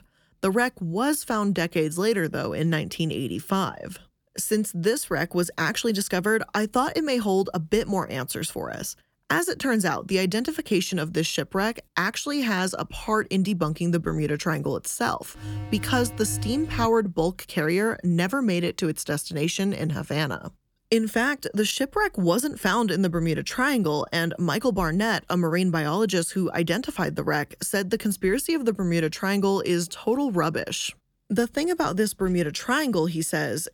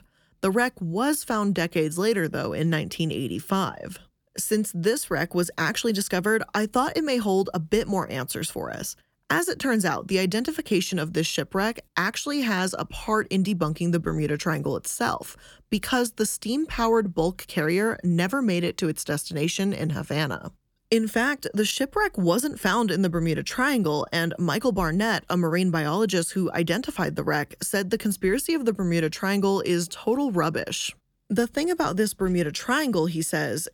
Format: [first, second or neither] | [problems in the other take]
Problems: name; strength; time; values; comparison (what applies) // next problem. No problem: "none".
second | alarm; noticeable; from 15 to 17 s; peak 8 dB below the speech